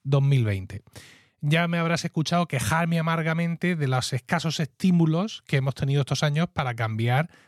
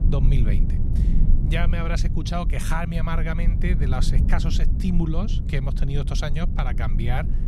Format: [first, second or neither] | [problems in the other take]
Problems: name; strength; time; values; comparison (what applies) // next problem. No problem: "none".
first | low rumble; loud; throughout; 8 dB below the speech